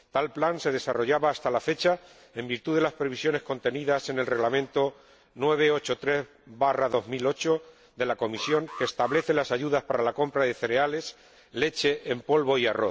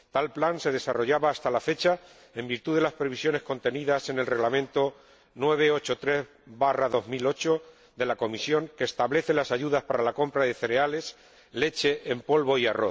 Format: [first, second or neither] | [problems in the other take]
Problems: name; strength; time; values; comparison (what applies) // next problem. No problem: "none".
second | background sound (Alarm); 15 dB below the speech